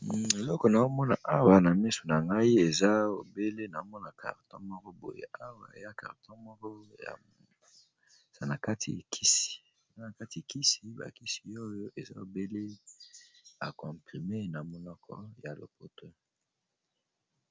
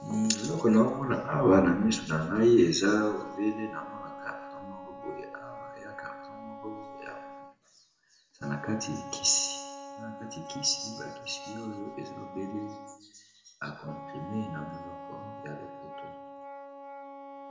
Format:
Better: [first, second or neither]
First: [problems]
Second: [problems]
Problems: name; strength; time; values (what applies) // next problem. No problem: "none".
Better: first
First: none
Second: background sound (Wind instrument, woodwind instrument); 13 dB below the speech // room echo; dies away in 1 s